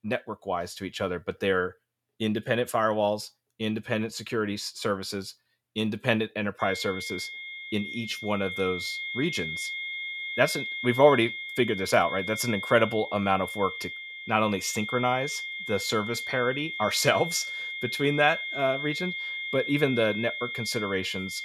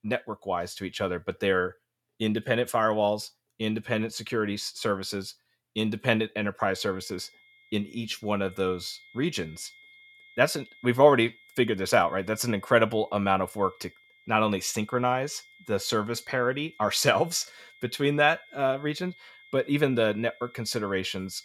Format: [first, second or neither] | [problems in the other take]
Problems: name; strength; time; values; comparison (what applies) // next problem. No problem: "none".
second | high-pitched whine; loud; from 6.5 s on; 2 kHz, 5 dB below the speech; faint in the second